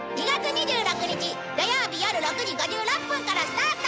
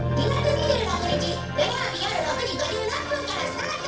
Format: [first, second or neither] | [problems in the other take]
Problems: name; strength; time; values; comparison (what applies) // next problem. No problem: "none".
first | noise reduction (neural separator model SepFormer DNS4)